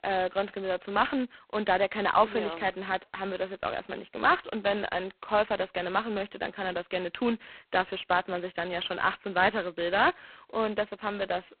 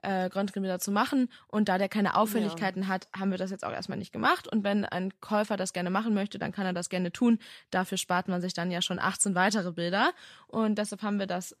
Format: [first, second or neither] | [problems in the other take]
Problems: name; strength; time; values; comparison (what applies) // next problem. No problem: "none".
second | phone-call audio; poor line; nothing above 4 kHz